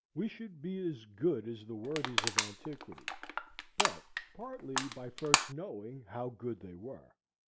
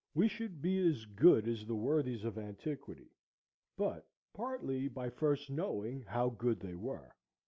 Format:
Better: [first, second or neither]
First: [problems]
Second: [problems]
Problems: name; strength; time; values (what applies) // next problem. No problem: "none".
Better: second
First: background sound (Crushing); 4 dB above the speech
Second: none